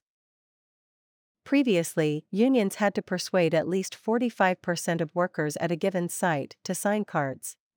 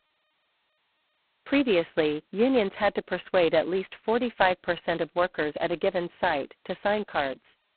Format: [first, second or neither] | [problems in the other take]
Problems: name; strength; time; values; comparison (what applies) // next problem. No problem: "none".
first | phone-call audio; poor line; nothing above 4 kHz